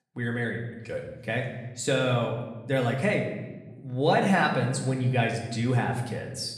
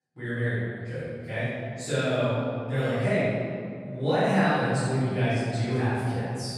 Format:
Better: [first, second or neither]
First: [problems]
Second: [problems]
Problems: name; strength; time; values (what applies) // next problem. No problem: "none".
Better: first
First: room echo; slight; dies away in 1 s // off-mic speech; somewhat distant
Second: room echo; strong; dies away in 2.4 s // off-mic speech; far